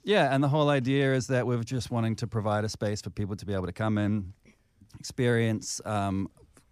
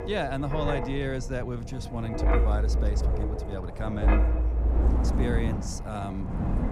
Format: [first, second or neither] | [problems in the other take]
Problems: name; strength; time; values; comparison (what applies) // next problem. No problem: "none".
first | wind noise on the microphone; heavy; 1 dB below the speech